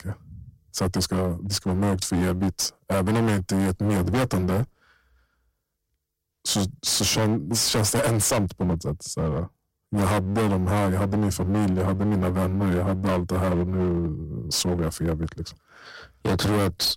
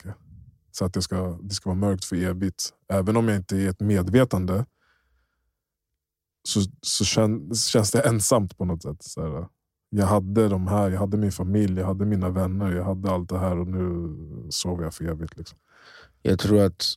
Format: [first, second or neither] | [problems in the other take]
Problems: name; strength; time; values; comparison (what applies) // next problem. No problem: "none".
second | distortion; heavy; 24% of the sound clipped